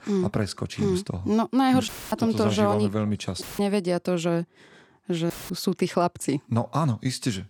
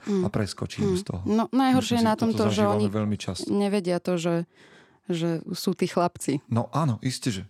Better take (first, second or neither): second